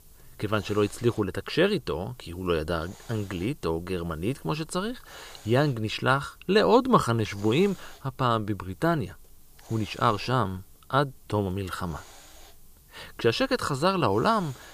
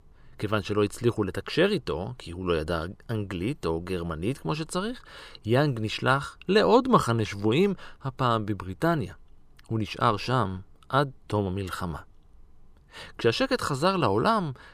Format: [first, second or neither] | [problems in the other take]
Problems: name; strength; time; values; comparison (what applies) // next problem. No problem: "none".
second | hiss; faint; throughout; 25 dB below the speech